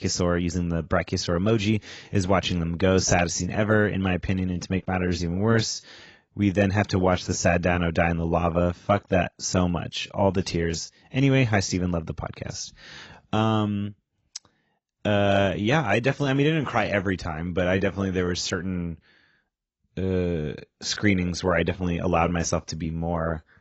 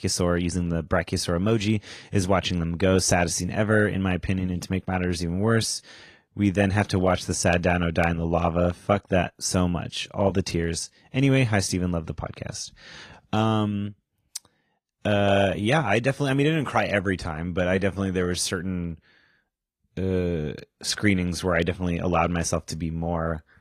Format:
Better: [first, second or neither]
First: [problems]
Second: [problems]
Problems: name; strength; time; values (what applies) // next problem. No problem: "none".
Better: second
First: garbled, watery; badly; nothing above 7 kHz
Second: garbled, watery; slightly